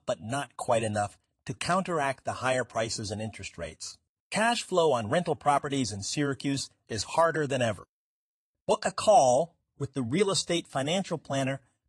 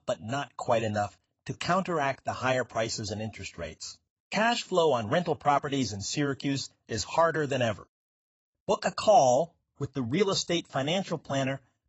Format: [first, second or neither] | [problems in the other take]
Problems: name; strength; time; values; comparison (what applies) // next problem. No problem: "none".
first | garbled, watery; badly; nothing above 7.5 kHz; slightly in the first